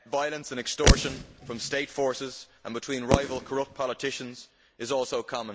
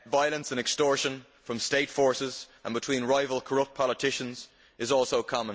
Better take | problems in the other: second | background sound (Fireworks); 2 dB above the speech

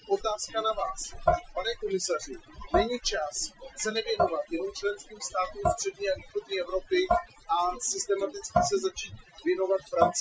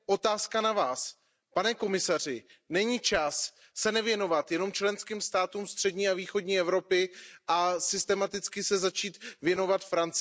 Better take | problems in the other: second | noise reduction (classical method Wiener filter)

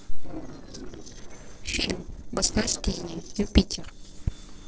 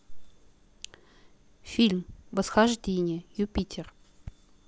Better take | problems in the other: second | noise reduction (neural separator model SepFormer DNS4)

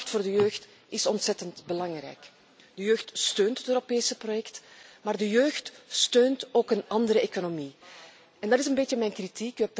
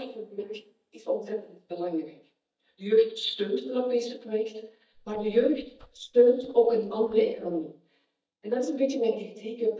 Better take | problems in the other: first | noise reduction (neural mask model DeepFilterNet 3)

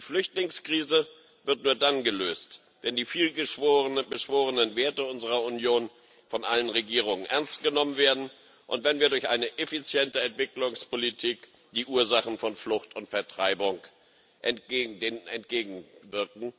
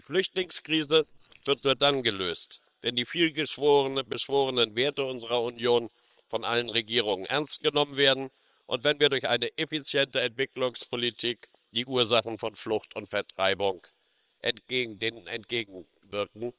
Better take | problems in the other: first | noise reduction (neural separator model SepFormer WHAM!)

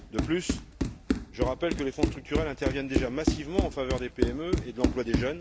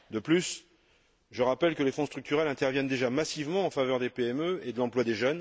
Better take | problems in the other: second | background sound (Run); 2 dB above the speech

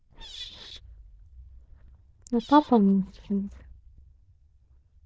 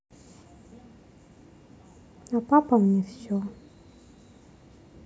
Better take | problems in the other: second | noise reduction (neural diffusion model UNIVERSE++)

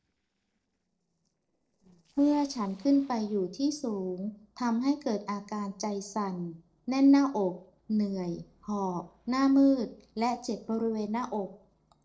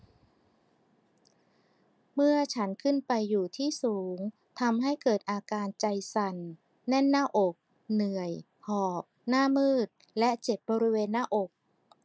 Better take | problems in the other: second | noise reduction (neural separator model SepFormer DNS4)

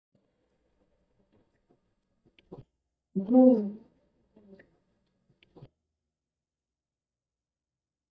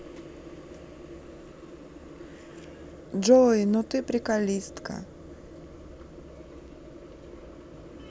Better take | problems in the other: second | noise reduction (neural mask model DeepFilterNet 3)

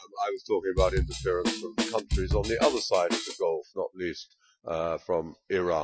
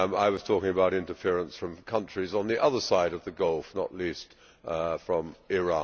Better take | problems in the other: second | noise reduction (classical method Wiener filter)

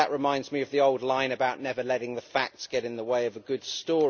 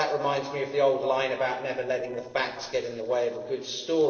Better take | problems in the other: first | noise reduction (neural separator model SepFormer DNS4)

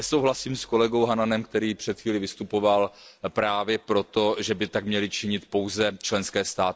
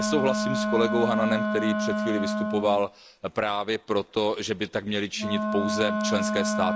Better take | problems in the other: first | background sound (Wind instrument, woodwind instrument); 1 dB below the speech

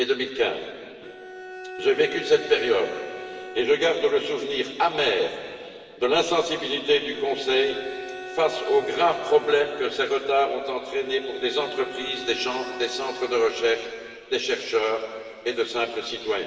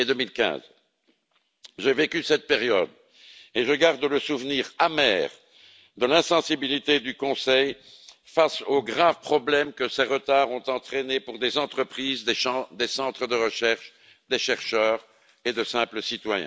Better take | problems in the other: second | background sound (Bowed string instrument); 13 dB below the speech // room echo; dies away in 2.3 s

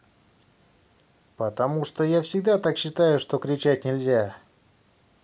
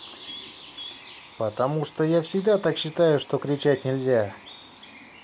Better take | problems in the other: first | background sound (Bird); 19 dB below the speech

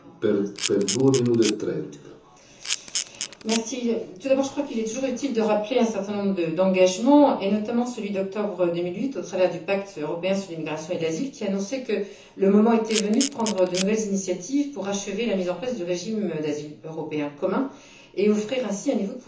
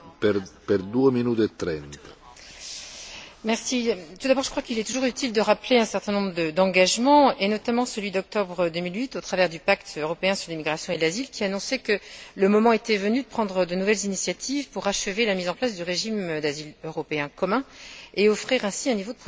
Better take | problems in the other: second | background sound (Camera); 7 dB below the speech // room echo; dies away in 0.7 s

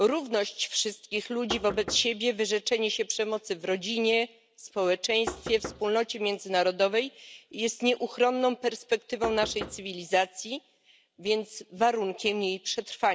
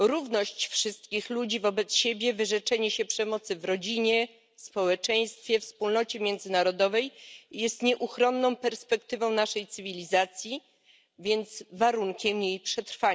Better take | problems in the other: second | background sound (Knock); 13 dB below the speech

